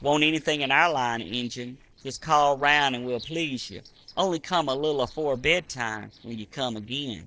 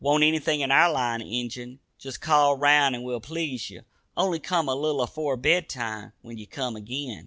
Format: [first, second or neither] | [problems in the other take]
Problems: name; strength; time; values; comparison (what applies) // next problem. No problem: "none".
second | noise reduction (neural separator model SepFormer DNS4)